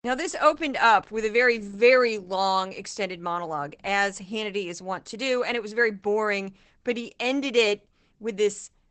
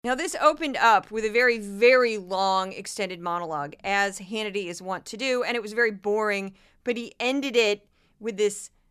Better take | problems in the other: second | garbled, watery; badly; nothing above 8 kHz

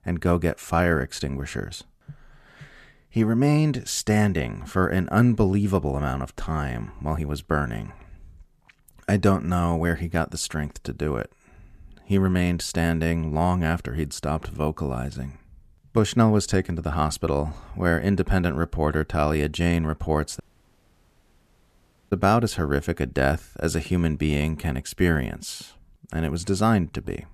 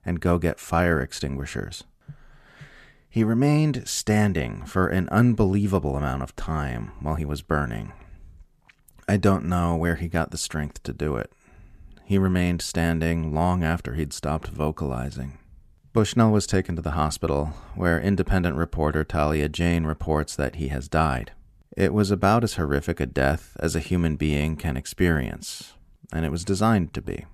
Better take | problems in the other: second | audio cutting out; at 20 s for 1.5 s

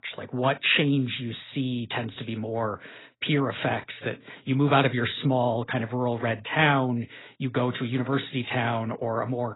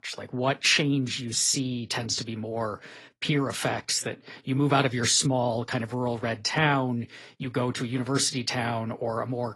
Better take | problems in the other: second | garbled, watery; badly; nothing above 4 kHz; slightly in the second

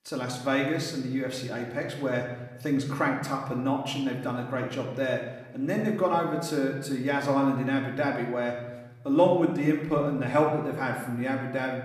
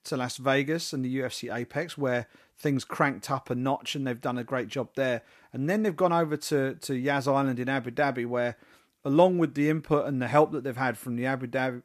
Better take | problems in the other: second | room echo; noticeable; dies away in 1 s // off-mic speech; somewhat distant

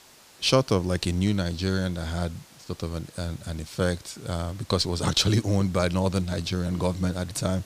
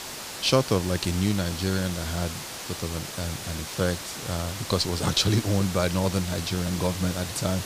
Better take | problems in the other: first | hiss; loud; throughout; 7 dB below the speech; faint in the first

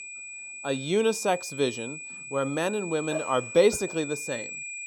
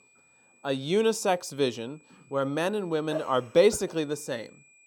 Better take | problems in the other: second | high-pitched whine; loud; throughout; 2.5 kHz, 10 dB below the speech; faint in the second

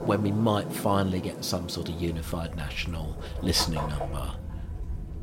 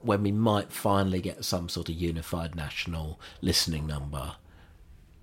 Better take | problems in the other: second | rain or running water; loud; throughout; 8 dB below the speech; faint in the second

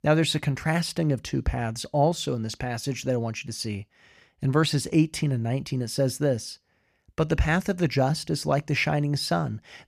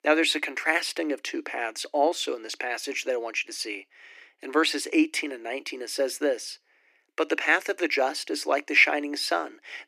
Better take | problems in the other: first | thin; somewhat; fading below 300 Hz

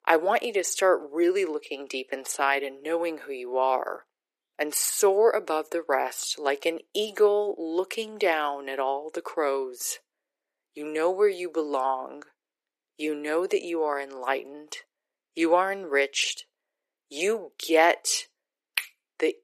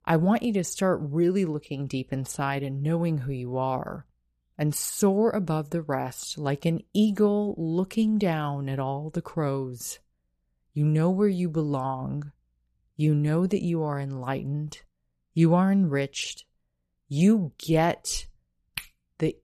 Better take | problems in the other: second | thin; very; fading below 350 Hz

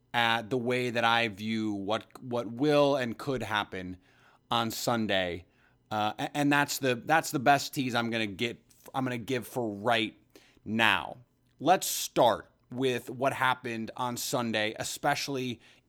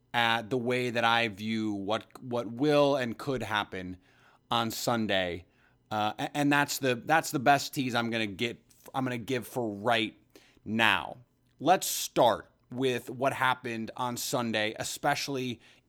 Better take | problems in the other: neither | none

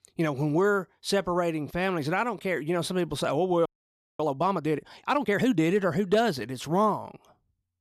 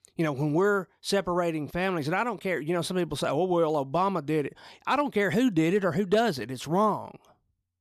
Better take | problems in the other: second | audio freezing; at 3.5 s for 0.5 s

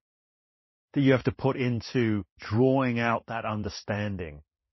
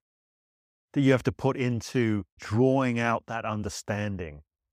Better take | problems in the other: second | garbled, watery; slightly; nothing above 6 kHz

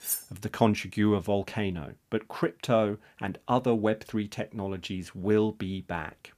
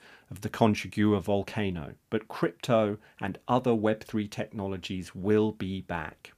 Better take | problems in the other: second | clattering dishes; noticeable; at the start; peak 2 dB below the speech

